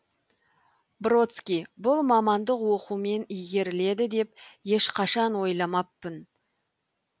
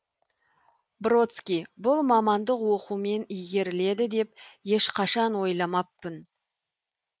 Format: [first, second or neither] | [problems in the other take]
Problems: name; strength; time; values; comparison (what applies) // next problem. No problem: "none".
first | noise reduction (neural mask model Resemble Enhance denoiser)